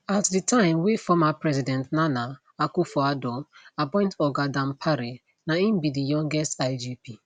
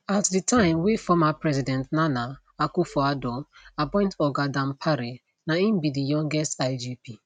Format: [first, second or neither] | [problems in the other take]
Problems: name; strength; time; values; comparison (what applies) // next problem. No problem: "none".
first | noise reduction (neural mask model RNNoise)